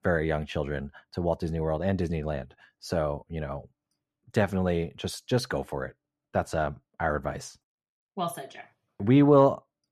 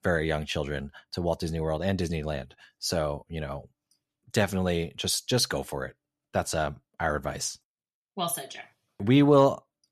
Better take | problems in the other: second | muffled; slightly; fading above 2.5 kHz

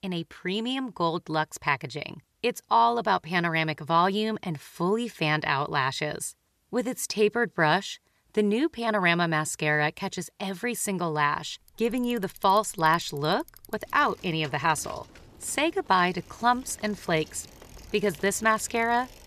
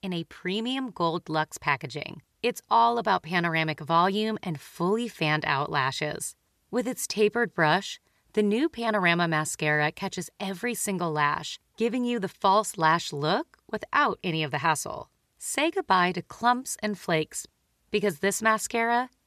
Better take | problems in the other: second | traffic noise; faint; from 12 s on; 25 dB below the speech

